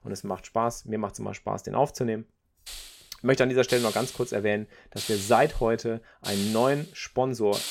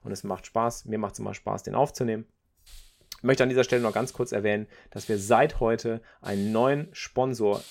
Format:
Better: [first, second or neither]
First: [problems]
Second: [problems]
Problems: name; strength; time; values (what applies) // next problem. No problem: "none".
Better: second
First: hiss; loud; from 2.5 s on; 9 dB below the speech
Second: hiss; faint; from 2.5 s on; 25 dB below the speech